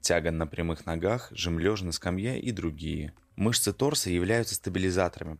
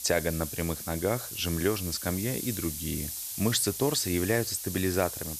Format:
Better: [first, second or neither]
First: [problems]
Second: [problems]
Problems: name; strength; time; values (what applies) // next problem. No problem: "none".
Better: first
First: none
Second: hiss; loud; throughout; 5 dB below the speech